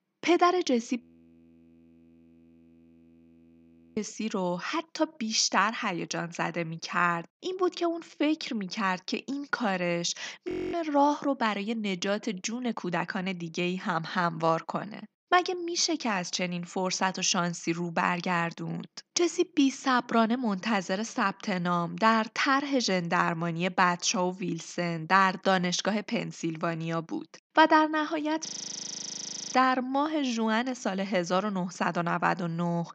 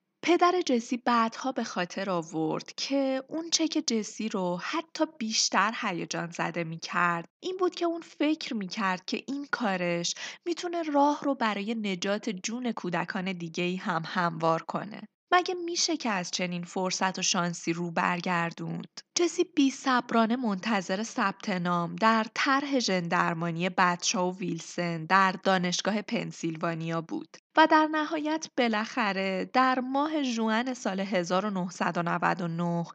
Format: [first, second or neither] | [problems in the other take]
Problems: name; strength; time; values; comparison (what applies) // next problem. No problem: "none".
second | audio freezing; at 1 s for 3 s, at 10 s and at 28 s for 1 s